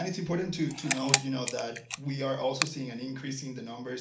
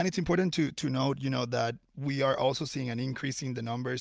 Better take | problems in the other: second | background sound (Camera); 2 dB below the speech // room echo; dies away in 0.4 s

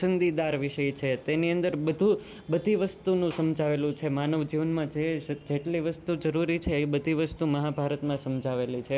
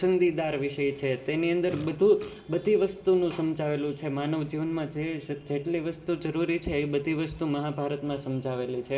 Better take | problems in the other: first | background sound (Fart); 18 dB below the speech // room echo; dies away in 1 s

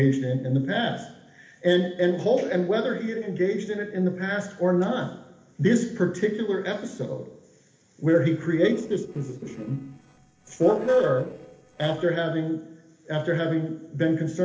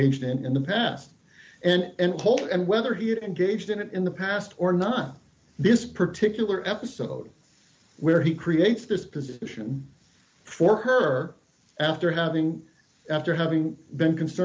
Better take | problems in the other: second | noise reduction (neural separator model SepFormer DNS4)

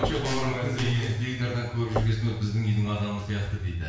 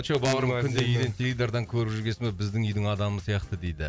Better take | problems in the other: second | background sound (Knock / Wood / Percussion); 11 dB below the speech // room echo; dies away in 0.7 s

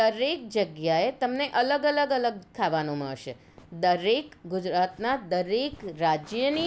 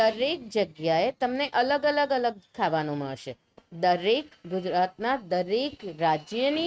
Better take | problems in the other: first | noise reduction (neural mask model RNNoise)

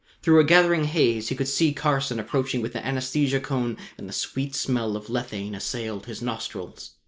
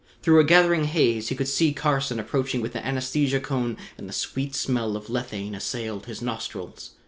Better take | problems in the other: second | noise reduction (neural mask model Resemble Enhance denoiser)

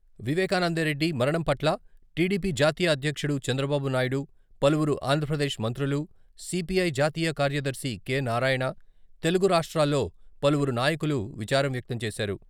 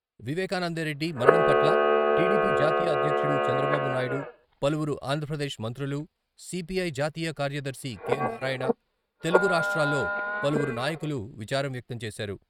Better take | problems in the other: first | noise reduction (neural mask model RNNoise)

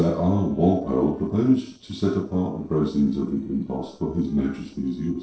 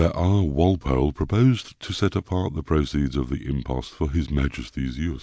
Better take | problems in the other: second | noise reduction (neural separator model SepFormer DNS4)

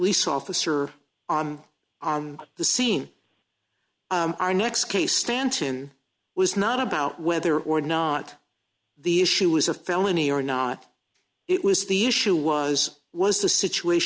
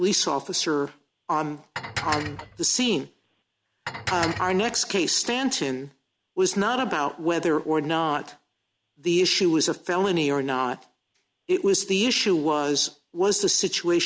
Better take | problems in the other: first | background sound (Dishes, pots, and pans); 9 dB below the speech

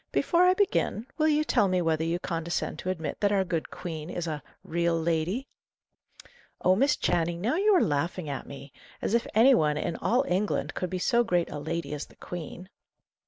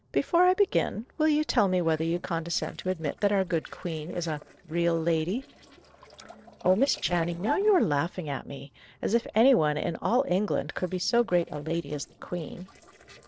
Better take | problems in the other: first | noise reduction (neural separator model SepFormer DNS4)

